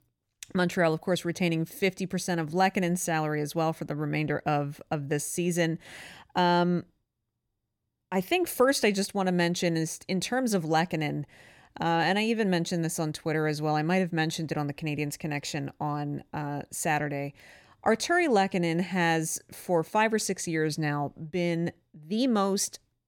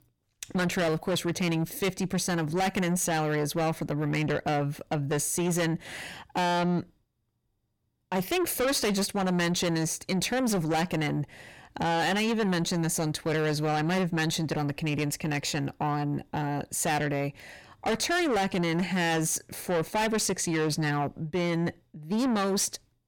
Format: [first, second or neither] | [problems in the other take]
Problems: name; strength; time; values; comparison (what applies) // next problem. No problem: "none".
first | distortion; heavy; 6 dB below the speech